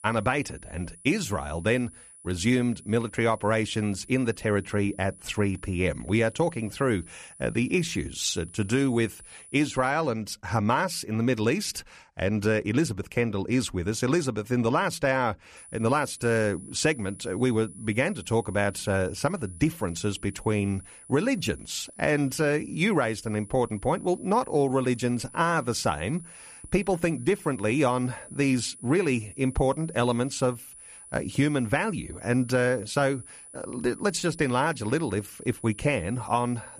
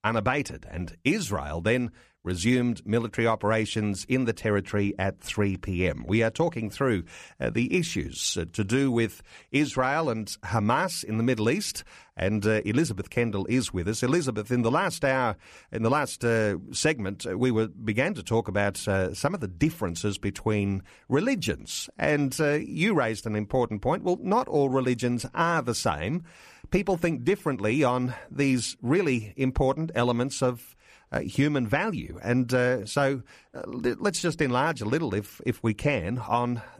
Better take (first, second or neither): second